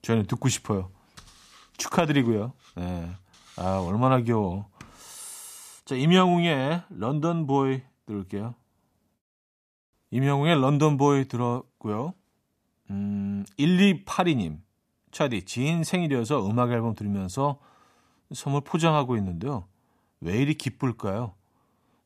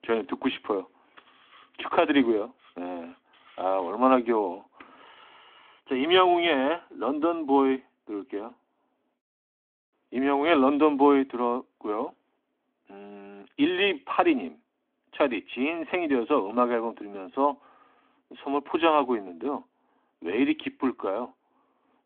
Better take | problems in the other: first | phone-call audio; nothing above 3.5 kHz

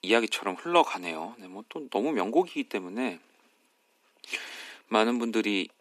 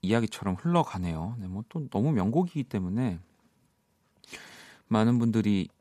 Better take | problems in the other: second | thin; somewhat; fading below 300 Hz

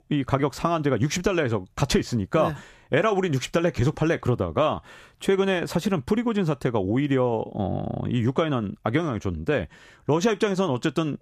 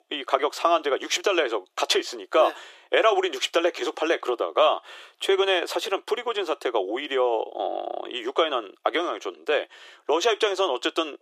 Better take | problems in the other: first | thin; very; fading below 350 Hz

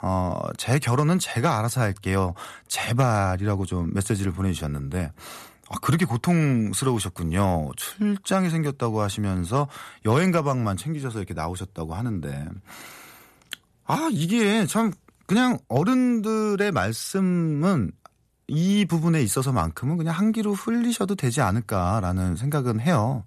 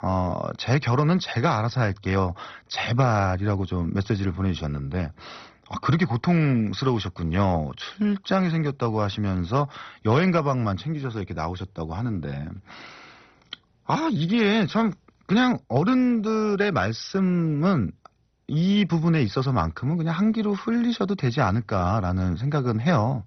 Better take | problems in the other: first | garbled, watery; badly; nothing above 6 kHz

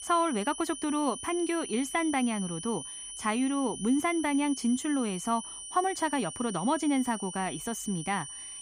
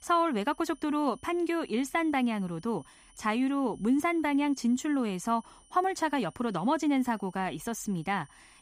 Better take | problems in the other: second | high-pitched whine; loud; throughout; 9.5 kHz, 9 dB below the speech; faint in the second

